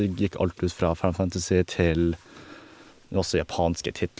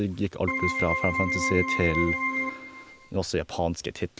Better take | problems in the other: first | background sound (Keyboard (musical)); as loud as the speech

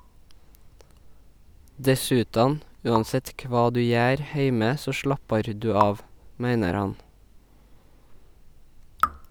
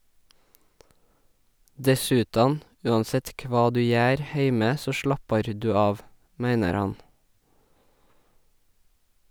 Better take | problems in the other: second | background sound (Raindrop / Drip); 11 dB below the speech

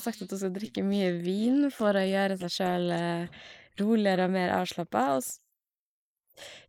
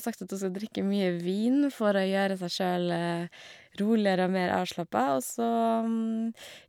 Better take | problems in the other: second | noise reduction (neural mask model Resemble Enhance denoiser)

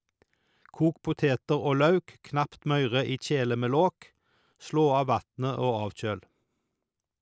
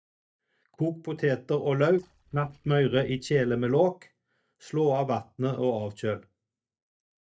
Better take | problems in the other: first | noise reduction (neural mask model DeepFilterNet 3)

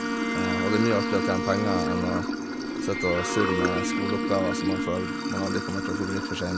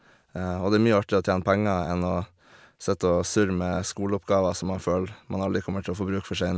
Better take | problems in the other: second | background sound (Sink (filling or washing) / Water + Bowed string instrument); 1 dB above the speech

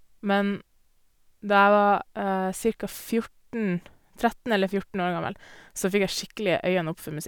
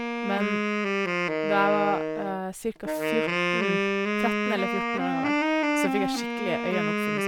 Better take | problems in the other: first | background sound (Wind instrument, woodwind instrument); 4 dB above the speech

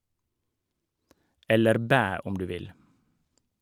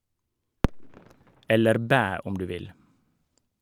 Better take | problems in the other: first | background sound (Fireworks); 7 dB below the speech

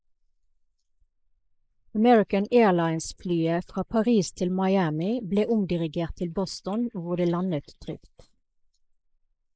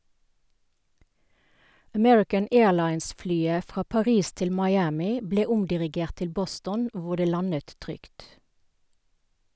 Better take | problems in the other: second | noise reduction (neural mask model Resemble Enhance denoiser)

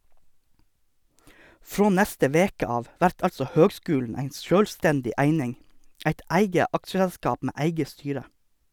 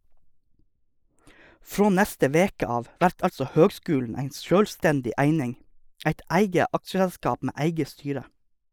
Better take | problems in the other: first | noise reduction (neural mask model Resemble Enhance denoiser)

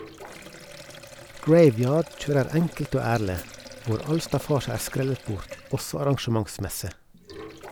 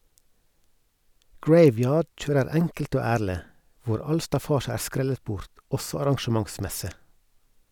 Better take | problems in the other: second | background sound (Hi-hat + Sink (filling or washing)); 18 dB below the speech

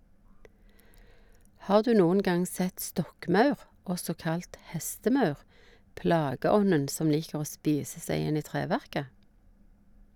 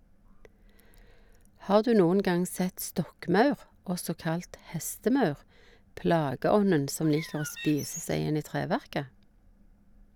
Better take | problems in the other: first | background sound (Bird); 14 dB below the speech

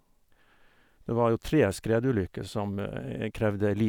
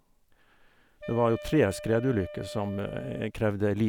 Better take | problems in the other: first | background sound (Wind instrument, woodwind instrument); 14 dB below the speech

